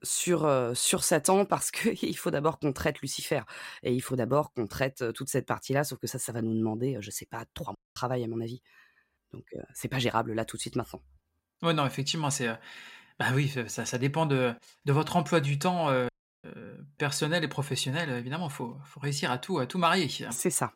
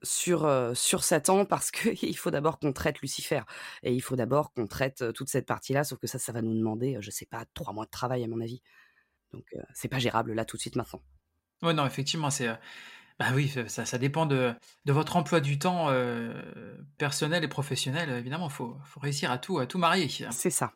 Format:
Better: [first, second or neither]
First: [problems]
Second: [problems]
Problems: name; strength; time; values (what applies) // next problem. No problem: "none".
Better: second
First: audio cutting out; at 8 s and at 16 s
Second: none